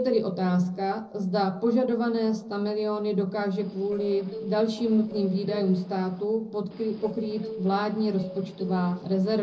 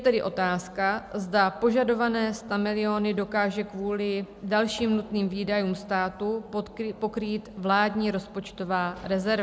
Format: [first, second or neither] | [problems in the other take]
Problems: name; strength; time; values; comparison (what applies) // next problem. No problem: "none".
second | noise reduction (neural separator model SepFormer DNS4)